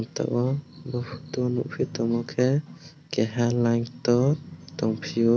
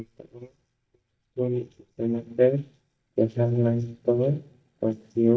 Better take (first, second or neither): first